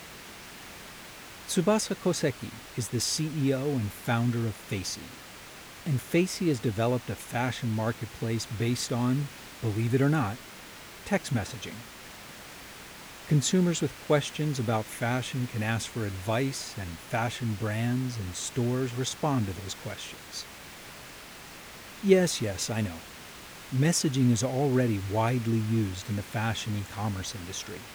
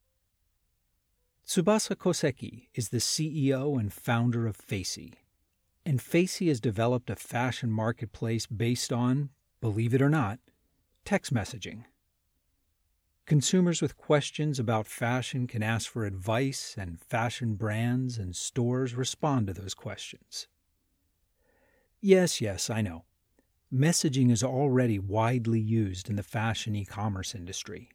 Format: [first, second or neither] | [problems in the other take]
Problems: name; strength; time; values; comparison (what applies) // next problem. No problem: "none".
second | hiss; noticeable; throughout; 15 dB below the speech